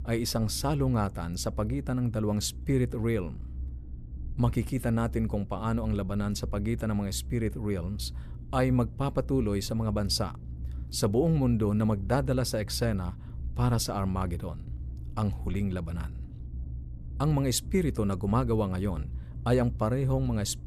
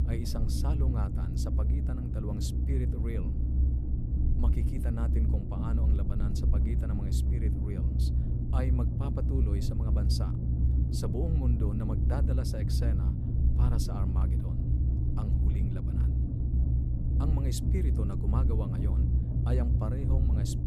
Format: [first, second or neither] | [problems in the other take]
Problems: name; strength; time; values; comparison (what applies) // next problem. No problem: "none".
first | low rumble; loud; throughout; as loud as the speech; faint in the first